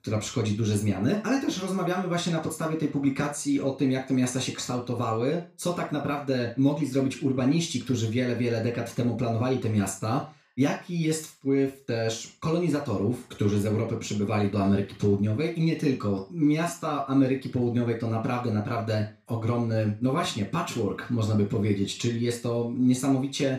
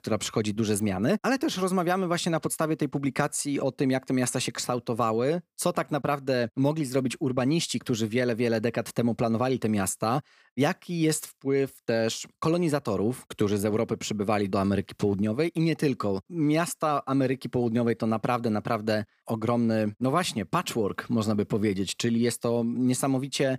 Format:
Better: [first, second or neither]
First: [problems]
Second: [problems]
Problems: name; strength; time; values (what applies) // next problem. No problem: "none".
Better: second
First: room echo; slight; dies away in 0.3 s // off-mic speech; far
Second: none